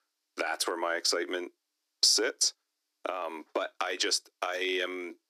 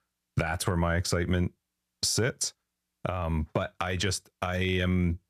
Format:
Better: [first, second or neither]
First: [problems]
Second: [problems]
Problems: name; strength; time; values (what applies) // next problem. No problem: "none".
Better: second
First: thin; very; fading below 300 Hz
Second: none